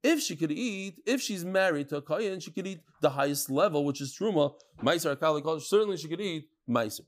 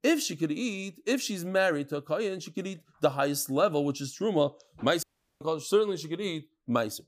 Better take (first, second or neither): first